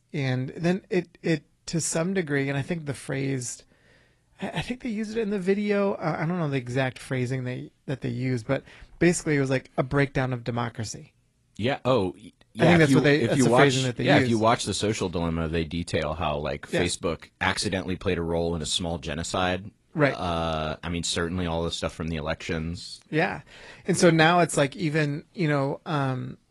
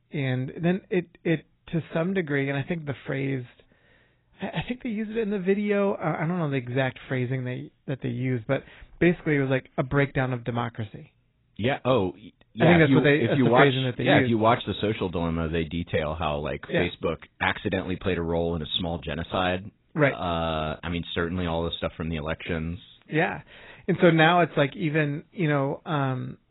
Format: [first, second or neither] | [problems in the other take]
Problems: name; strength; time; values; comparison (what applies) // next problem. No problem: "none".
first | garbled, watery; badly; nothing above 4 kHz; slightly in the first